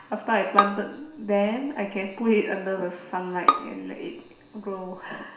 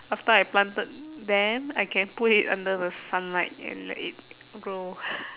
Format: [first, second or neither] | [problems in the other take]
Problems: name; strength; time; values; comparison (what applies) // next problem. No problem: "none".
second | background sound (Bowed string instrument); 2 dB below the speech // room echo; dies away in 0.7 s